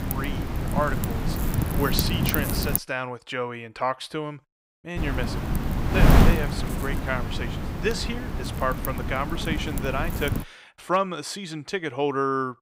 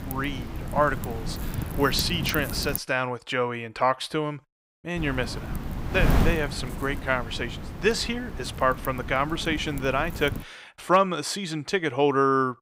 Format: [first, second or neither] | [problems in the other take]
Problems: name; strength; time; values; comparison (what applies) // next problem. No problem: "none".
second | wind noise on the microphone; heavy; until 3 s and from 5 to 10 s; 3 dB below the speech; occasional gusts in the second